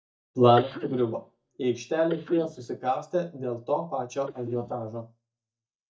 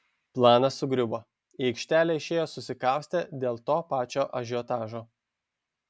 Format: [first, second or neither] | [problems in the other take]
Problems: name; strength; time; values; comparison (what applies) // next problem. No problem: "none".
second | noise reduction (neural mask model DeepFilterNet 3)